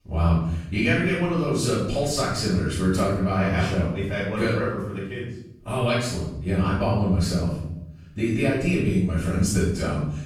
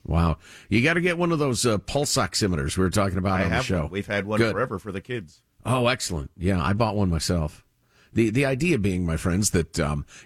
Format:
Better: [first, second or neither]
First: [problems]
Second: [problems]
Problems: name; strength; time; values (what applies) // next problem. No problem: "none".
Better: second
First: off-mic speech; far // room echo; noticeable; dies away in 0.9 s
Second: none